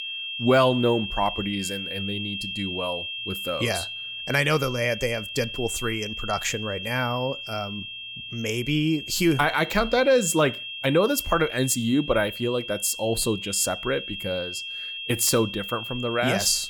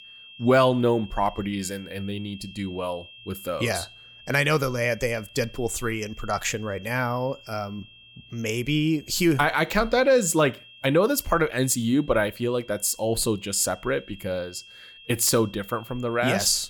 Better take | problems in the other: second | high-pitched whine; loud; throughout; 3 kHz, 7 dB below the speech; faint in the second

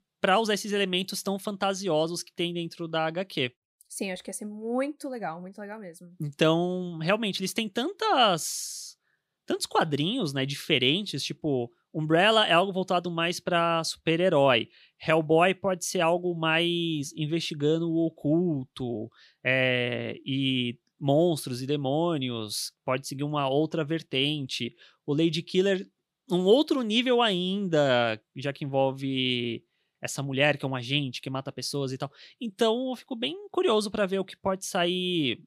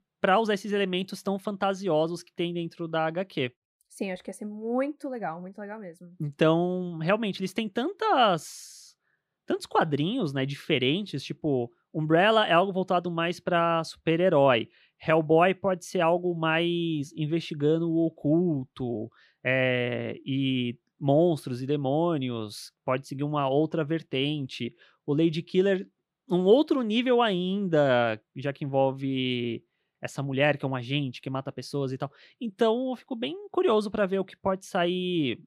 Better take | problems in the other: first | muffled; slightly; fading above 3 kHz

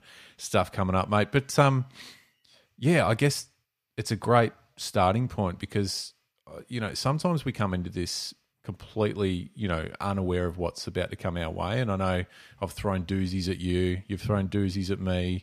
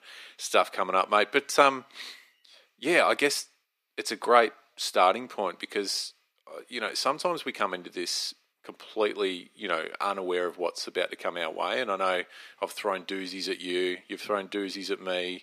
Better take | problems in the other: first | thin; very; fading below 300 Hz

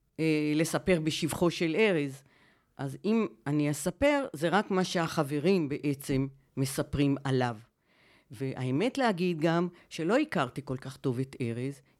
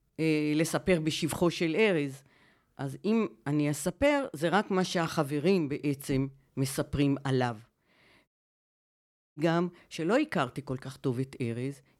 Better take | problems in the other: first | audio cutting out; at 8.5 s for 1 s

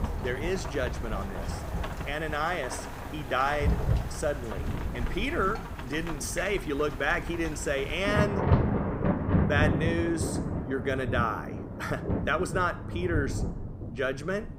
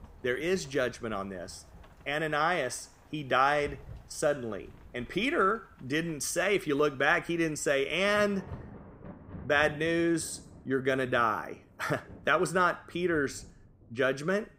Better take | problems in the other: second | rain or running water; loud; throughout; 1 dB below the speech; faint in the second

